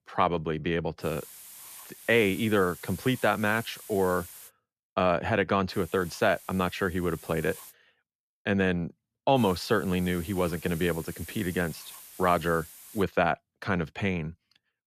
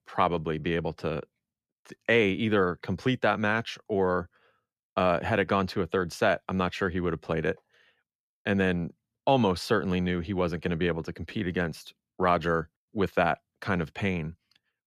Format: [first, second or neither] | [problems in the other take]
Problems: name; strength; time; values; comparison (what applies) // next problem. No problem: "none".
second | hiss; noticeable; from 1 to 4.5 s, from 5.5 to 7.5 s and from 9.5 to 13 s; 15 dB below the speech